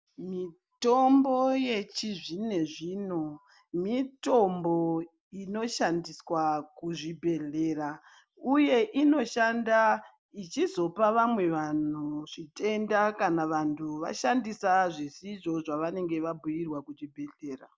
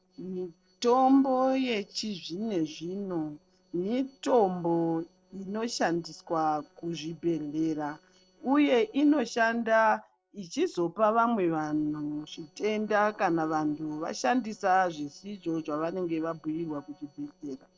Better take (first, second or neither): first